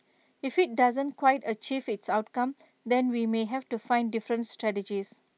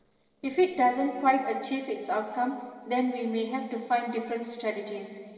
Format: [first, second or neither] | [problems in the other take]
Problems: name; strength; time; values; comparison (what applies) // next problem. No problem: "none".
first | noise reduction (neural separator model SepFormer DNS4)